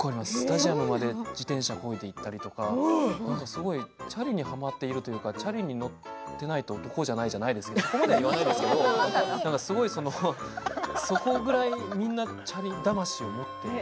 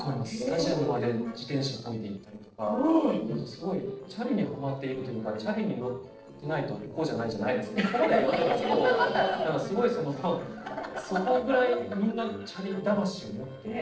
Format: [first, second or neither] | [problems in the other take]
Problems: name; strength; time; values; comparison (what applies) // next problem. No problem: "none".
first | noise reduction (neural separator model SepFormer DNS4)